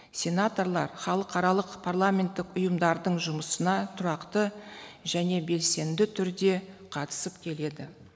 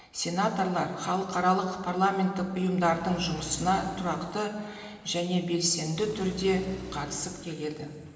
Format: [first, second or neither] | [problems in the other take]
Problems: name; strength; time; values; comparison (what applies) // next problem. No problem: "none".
first | background sound (Engine); 14 dB below the speech // room echo; dies away in 2.4 s